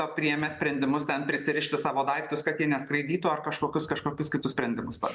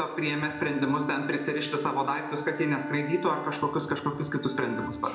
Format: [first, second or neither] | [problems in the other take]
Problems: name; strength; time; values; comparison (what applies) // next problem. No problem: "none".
first | background sound (Wind instrument, woodwind instrument); 9 dB below the speech // room echo; dies away in 0.6 s